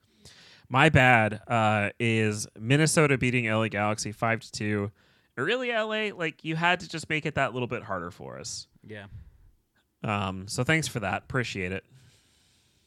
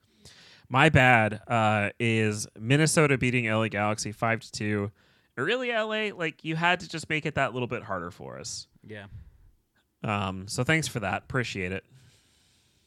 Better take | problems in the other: neither | none

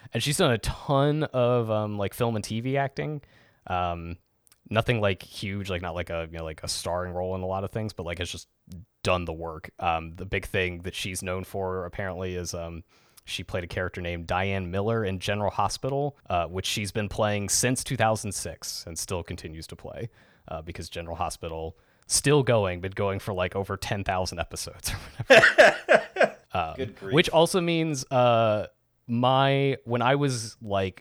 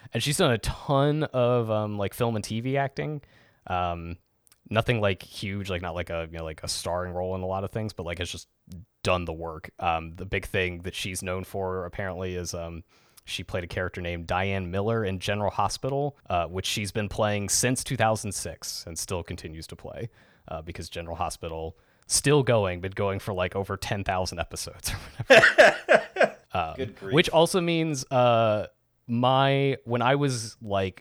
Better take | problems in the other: neither | none

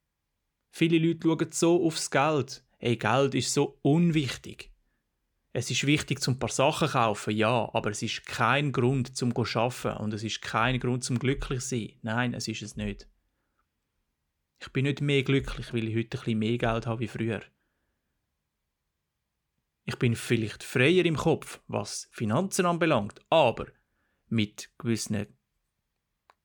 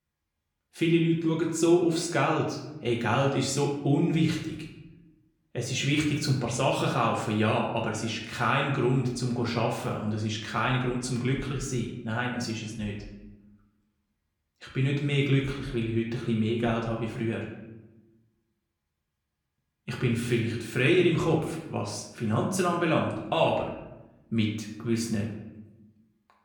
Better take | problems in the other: first | room echo; slight; dies away in 0.8 s // off-mic speech; far

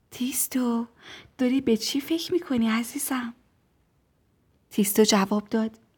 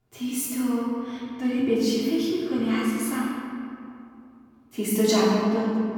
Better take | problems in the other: first | off-mic speech; far // room echo; strong; dies away in 2.2 s

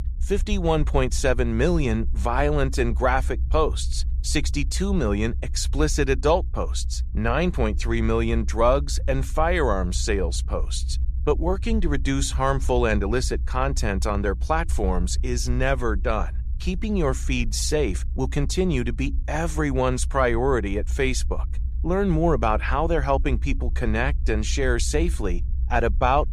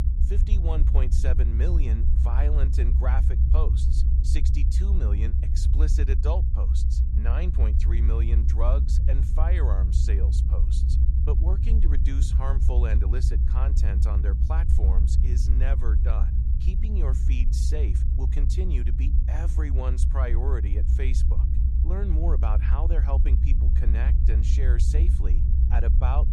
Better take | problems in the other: first | low rumble; loud; throughout; 3 dB below the speech; faint in the first

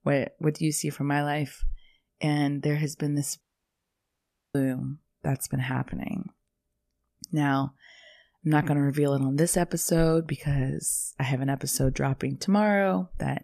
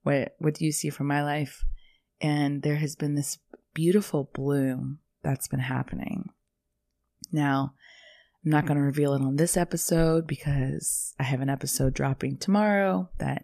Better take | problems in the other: second | audio cutting out; at 3.5 s for 1 s

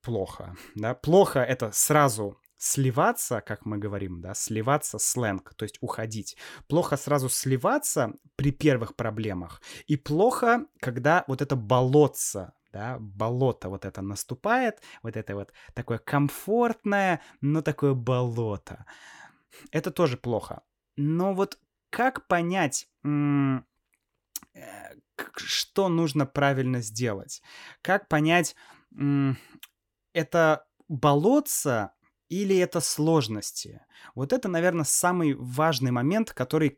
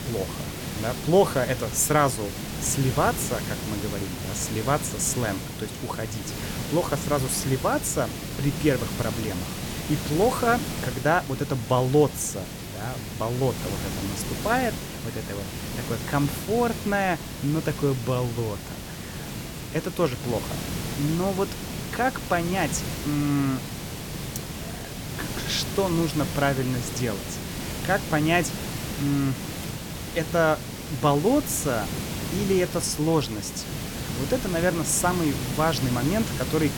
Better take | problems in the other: first | hiss; loud; throughout; 6 dB below the speech

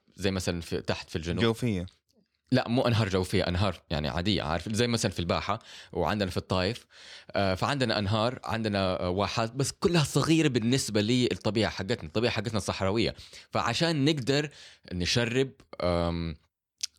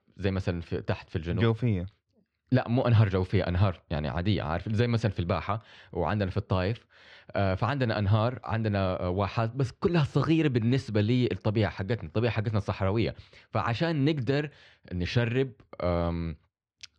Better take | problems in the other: first | muffled; slightly; fading above 2.5 kHz

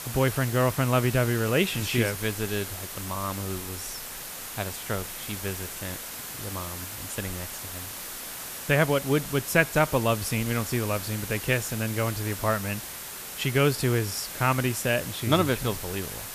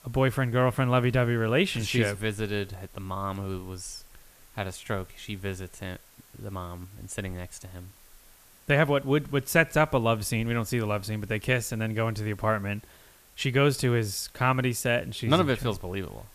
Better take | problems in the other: second | hiss; loud; throughout; 8 dB below the speech; faint in the second

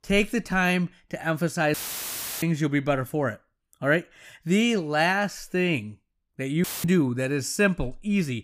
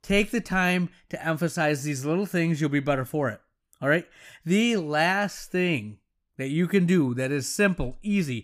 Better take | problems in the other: second | audio cutting out; filled with static; at 1.5 s for 0.5 s and at 6.5 s

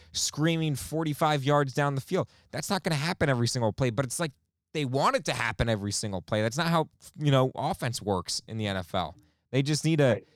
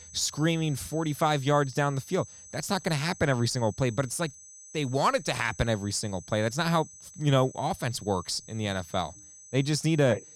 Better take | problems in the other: first | high-pitched whine; noticeable; throughout; 6 kHz, 20 dB below the speech

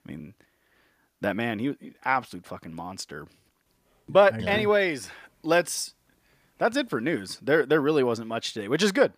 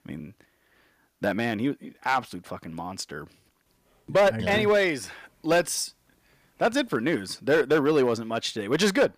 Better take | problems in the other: first | distortion; slight; 3% of the sound clipped

